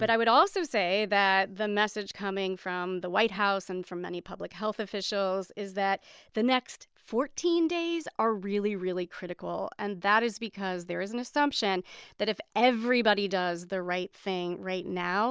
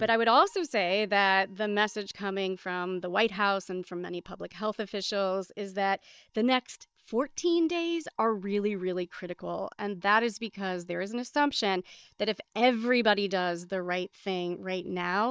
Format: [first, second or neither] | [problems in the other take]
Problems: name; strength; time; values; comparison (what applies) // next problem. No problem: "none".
first | noise reduction (neural mask model DeepFilterNet 3)